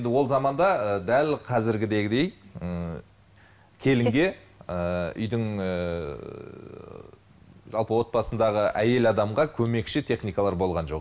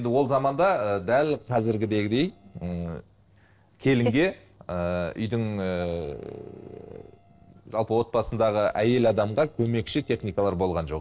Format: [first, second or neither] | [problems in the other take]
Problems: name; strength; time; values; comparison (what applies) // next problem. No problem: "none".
first | noise reduction (neural separator model SepFormer DNS4)